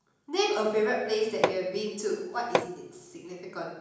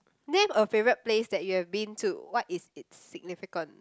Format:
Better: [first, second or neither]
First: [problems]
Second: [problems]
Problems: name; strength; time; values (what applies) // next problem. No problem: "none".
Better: second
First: background sound (Hammer); 3 dB below the speech // room echo; dies away in 1 s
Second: none